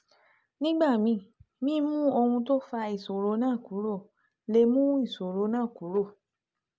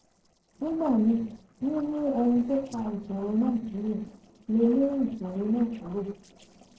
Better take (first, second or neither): first